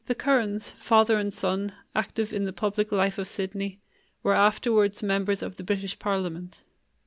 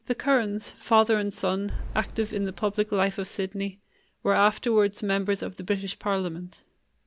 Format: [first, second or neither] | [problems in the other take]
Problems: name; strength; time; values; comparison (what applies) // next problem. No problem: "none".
first | background sound (Boom); 10 dB below the speech